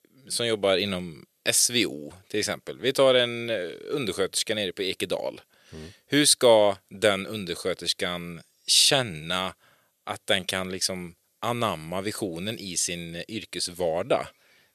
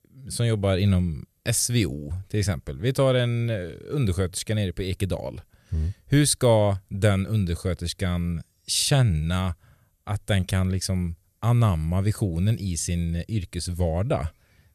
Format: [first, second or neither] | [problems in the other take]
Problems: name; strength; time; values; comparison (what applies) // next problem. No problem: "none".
second | thin; somewhat; fading below 350 Hz